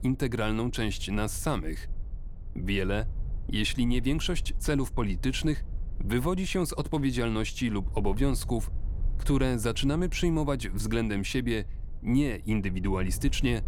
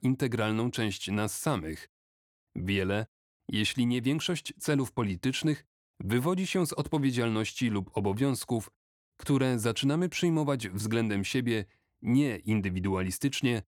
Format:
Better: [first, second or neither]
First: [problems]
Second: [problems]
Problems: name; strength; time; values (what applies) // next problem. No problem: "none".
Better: second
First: low rumble; faint; throughout; 25 dB below the speech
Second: none